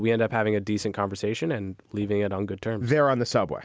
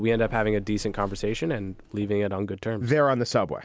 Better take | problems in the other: first | background sound (Bus / Engine); 15 dB below the speech

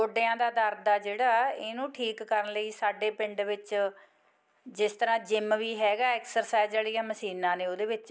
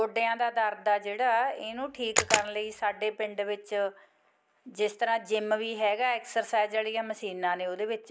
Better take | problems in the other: first | background sound (Camera); 2 dB below the speech

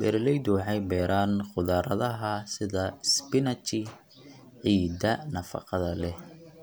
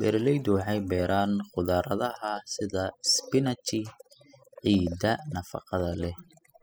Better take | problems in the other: first | noise reduction (classical method spectral subtraction)

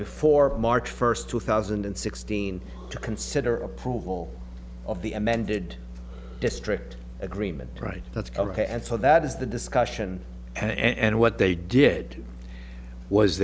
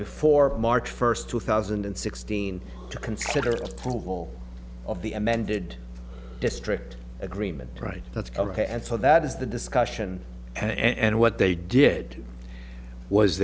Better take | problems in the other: first | background sound (Splash, splatter); 14 dB below the speech

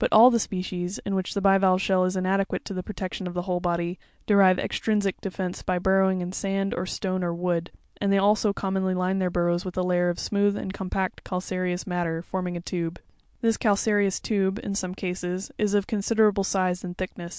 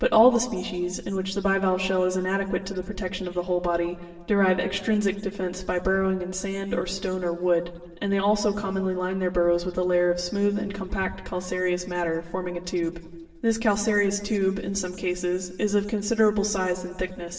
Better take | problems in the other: first | room echo; dies away in 1.3 s

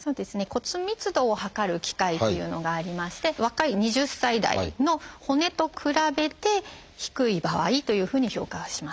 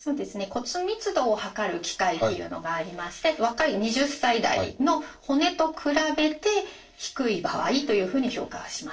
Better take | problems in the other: first | noise reduction (neural separator model SepFormer DNS4)

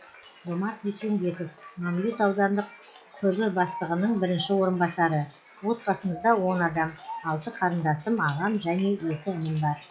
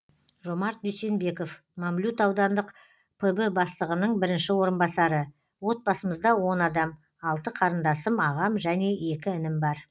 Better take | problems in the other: second | noise reduction (classical method log-MMSE)

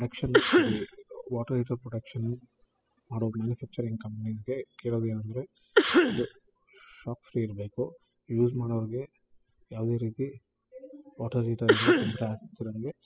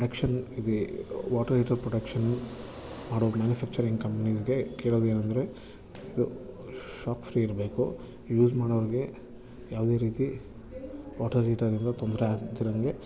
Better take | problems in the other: second | noise reduction (classical method spectral subtraction)

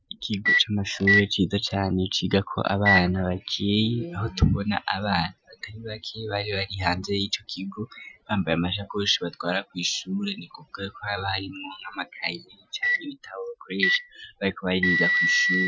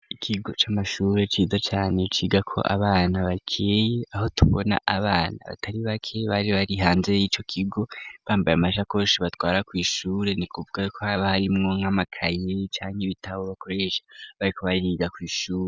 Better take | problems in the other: second | noise reduction (classical method Wiener filter)

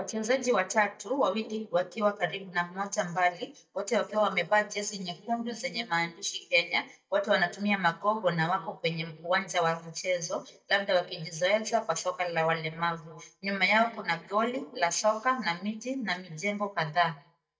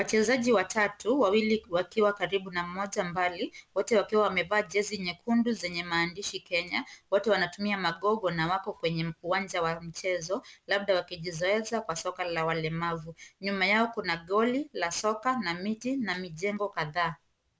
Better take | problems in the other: second | noise reduction (neural mask model DeepFilterNet 3)

